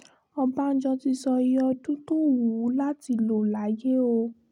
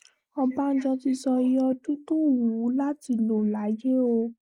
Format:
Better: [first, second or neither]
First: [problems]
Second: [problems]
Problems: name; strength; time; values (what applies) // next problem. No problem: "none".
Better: first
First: none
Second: noise reduction (neural mask model Resemble Enhance denoiser)